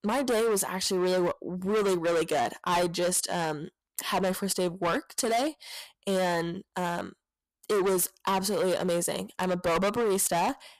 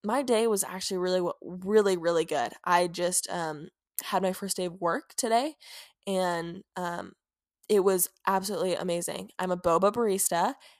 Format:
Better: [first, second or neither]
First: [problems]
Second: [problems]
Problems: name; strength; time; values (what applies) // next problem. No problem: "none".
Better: second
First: distortion; heavy; 19% of the sound clipped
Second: none